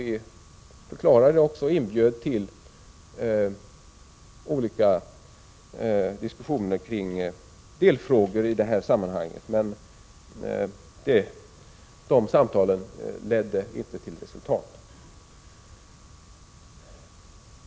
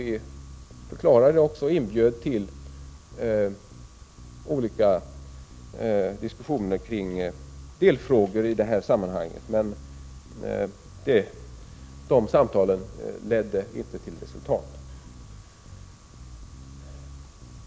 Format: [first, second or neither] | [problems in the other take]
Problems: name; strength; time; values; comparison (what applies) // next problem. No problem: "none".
first | background sound (Bass guitar); 18 dB below the speech